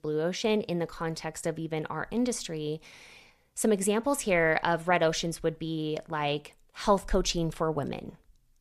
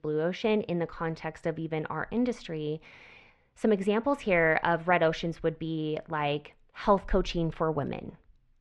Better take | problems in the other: first | muffled; slightly; fading above 2.5 kHz

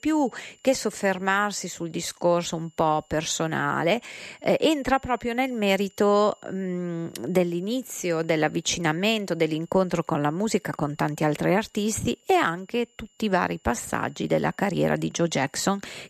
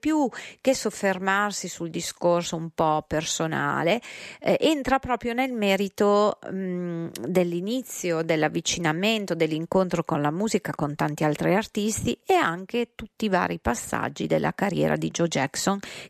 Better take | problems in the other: second | high-pitched whine; faint; throughout; 7 kHz, 35 dB below the speech

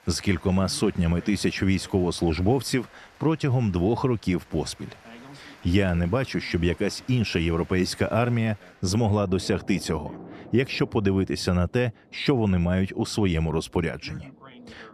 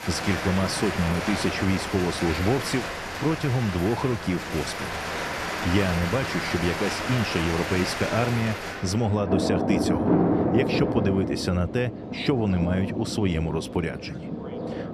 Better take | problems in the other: first | rain or running water; loud; throughout; 2 dB below the speech; faint in the first

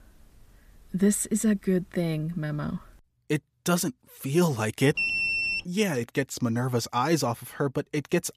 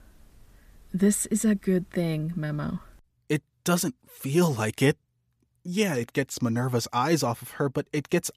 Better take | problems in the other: second | alarm; loud; at 5 s; peak 4 dB above the speech

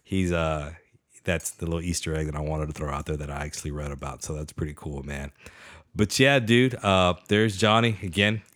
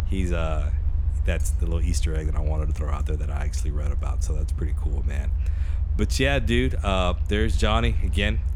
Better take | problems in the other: first | low rumble; noticeable; throughout; 15 dB below the speech

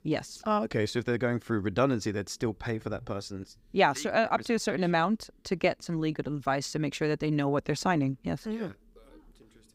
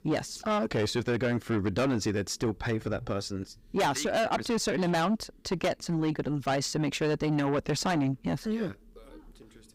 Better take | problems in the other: first | distortion; heavy; 7 dB below the speech

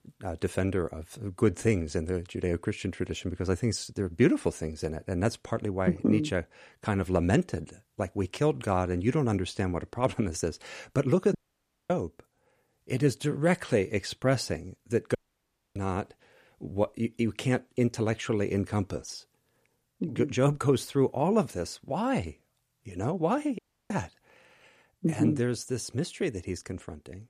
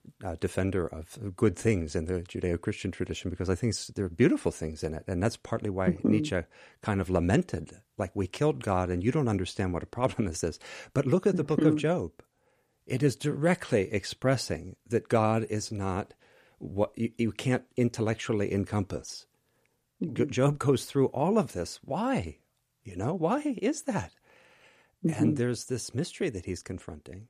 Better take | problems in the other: second | audio cutting out; at 11 s for 0.5 s, at 15 s for 0.5 s and at 24 s

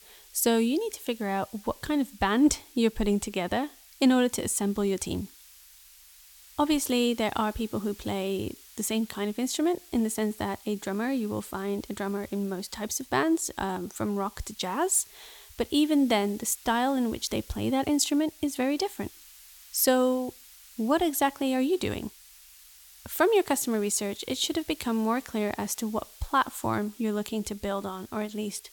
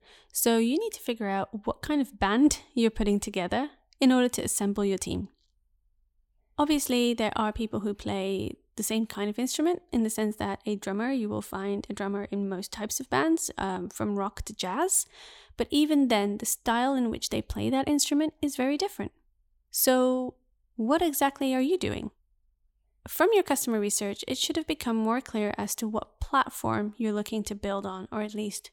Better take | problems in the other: second | hiss; faint; throughout; 20 dB below the speech

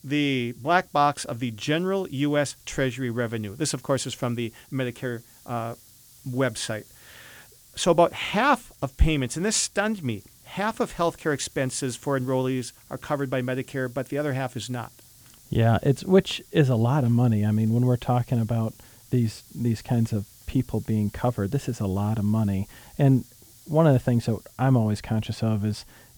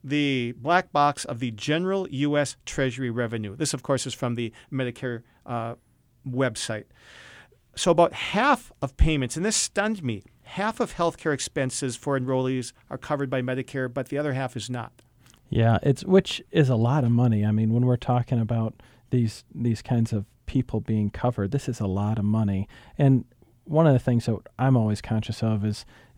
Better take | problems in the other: second | hiss; faint; throughout; 25 dB below the speech

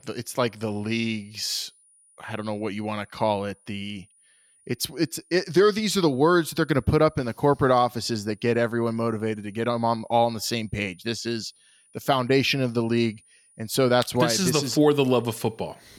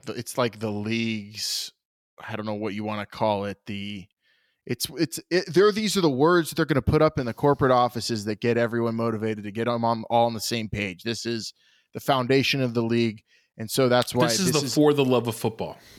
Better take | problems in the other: second | high-pitched whine; faint; throughout; 9.5 kHz, 30 dB below the speech

